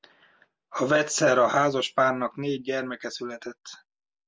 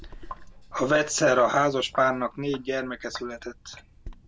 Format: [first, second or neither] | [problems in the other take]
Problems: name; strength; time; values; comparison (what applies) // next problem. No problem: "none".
first | background sound (Sink (filling or washing)); 17 dB below the speech